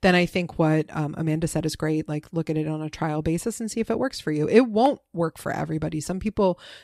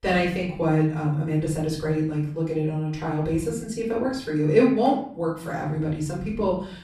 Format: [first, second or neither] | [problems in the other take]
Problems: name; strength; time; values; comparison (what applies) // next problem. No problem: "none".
first | off-mic speech; far // room echo; noticeable; dies away in 0.7 s